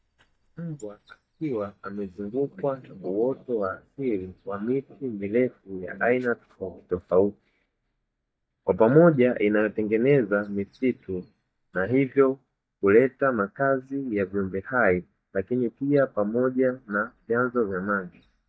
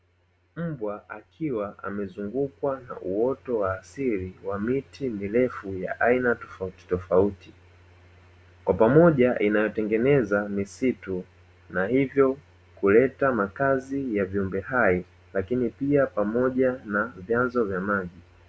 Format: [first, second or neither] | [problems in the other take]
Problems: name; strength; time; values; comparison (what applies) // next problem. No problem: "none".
second | noise reduction (neural mask model DeepFilterNet 3)